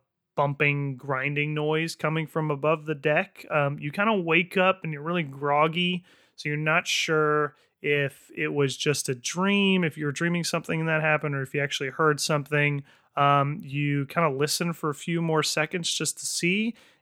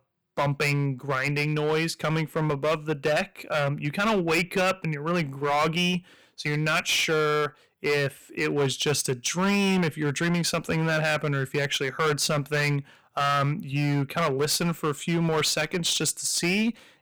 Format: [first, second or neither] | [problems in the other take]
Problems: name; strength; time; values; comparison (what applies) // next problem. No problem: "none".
first | distortion; heavy; 12% of the sound clipped